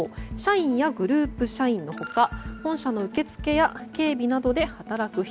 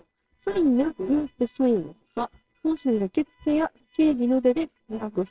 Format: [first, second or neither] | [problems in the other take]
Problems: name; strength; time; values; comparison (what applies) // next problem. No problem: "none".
first | noise reduction (neural separator model SepFormer WHAMR!)